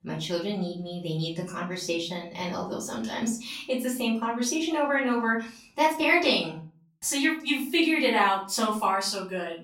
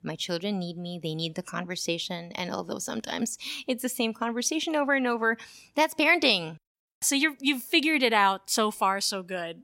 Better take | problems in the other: second | room echo; slight; dies away in 0.3 s // off-mic speech; far

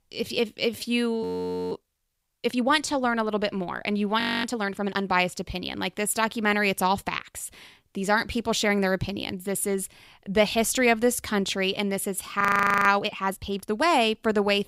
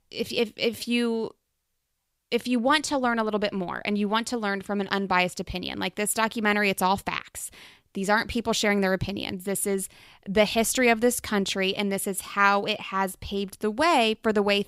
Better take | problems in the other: second | audio freezing; at 1 s, at 4 s and at 12 s

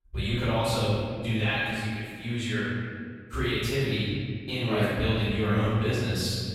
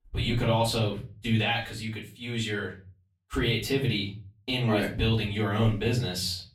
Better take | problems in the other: second | room echo; strong; dies away in 2.3 s; slight in the second // off-mic speech; far; far in the second

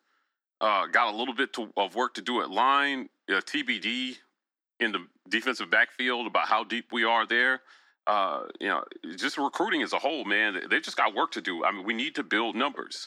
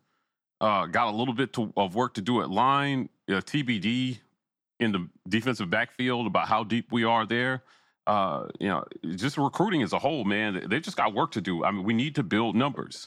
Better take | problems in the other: second | thin; somewhat; fading below 250 Hz

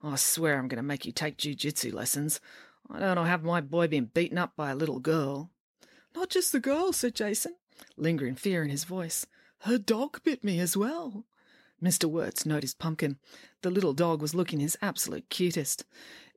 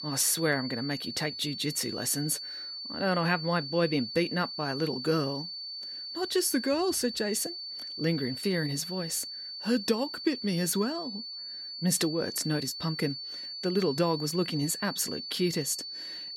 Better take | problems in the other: first | high-pitched whine; loud; throughout; 4.5 kHz, 7 dB below the speech

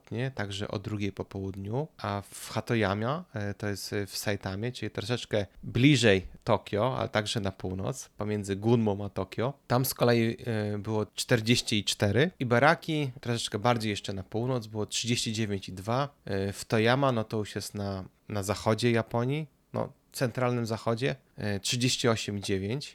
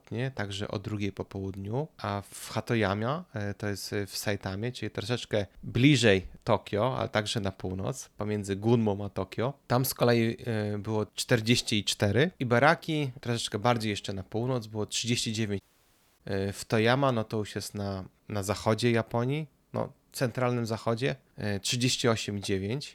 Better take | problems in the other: first | audio cutting out; at 16 s for 0.5 s

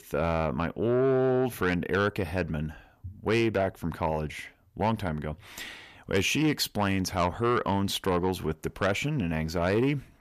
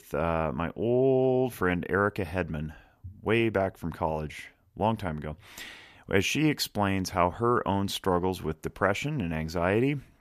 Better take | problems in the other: second | distortion; slight; 10 dB below the speech

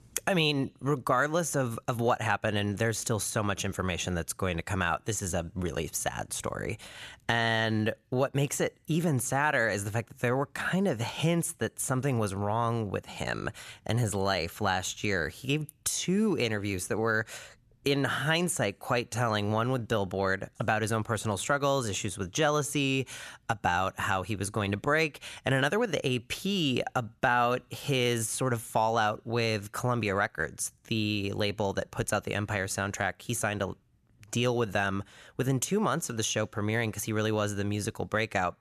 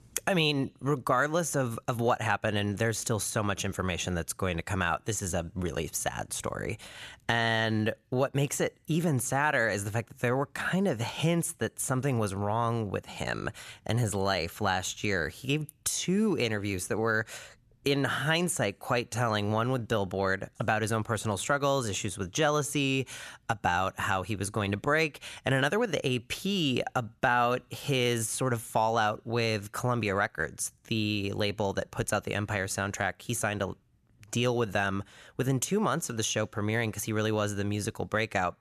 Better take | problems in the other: neither | none

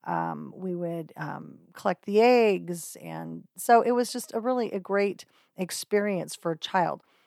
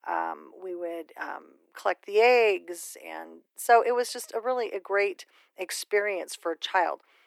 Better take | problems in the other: first | thin; very; fading below 300 Hz

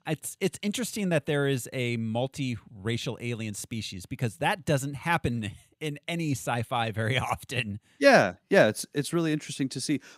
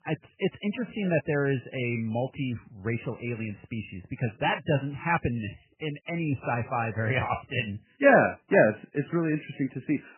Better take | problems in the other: first | garbled, watery; badly; nothing above 3 kHz

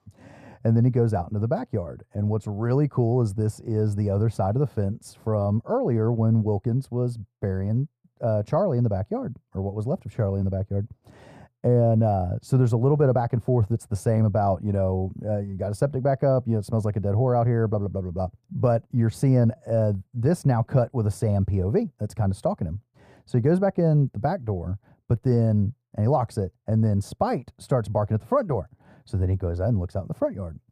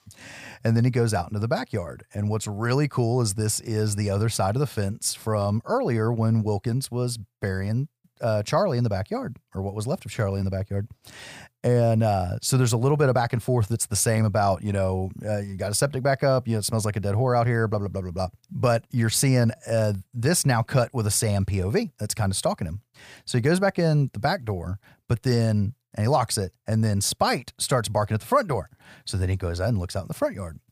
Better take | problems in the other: second | muffled; very; fading above 1.5 kHz

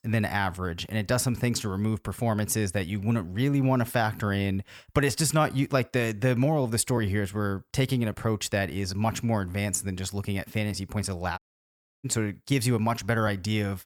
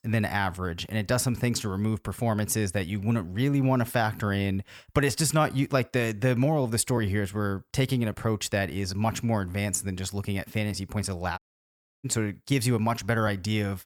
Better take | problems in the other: neither | audio cutting out; at 11 s for 0.5 s; the same in both

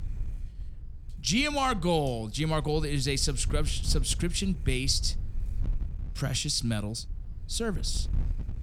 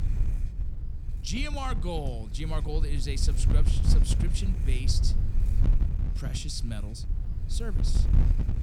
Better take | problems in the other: first | wind noise on the microphone; heavy; 7 dB below the speech; occasional gusts in the first

